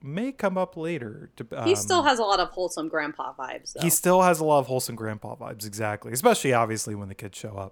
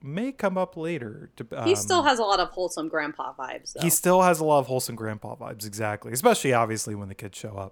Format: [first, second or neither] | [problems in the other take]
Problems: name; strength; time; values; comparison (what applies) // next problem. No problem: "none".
neither | none